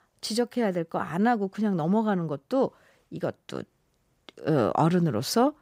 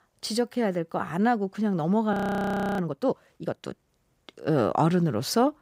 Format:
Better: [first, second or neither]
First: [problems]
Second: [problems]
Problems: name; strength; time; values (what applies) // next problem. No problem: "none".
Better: first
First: none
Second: audio freezing; at 2 s for 0.5 s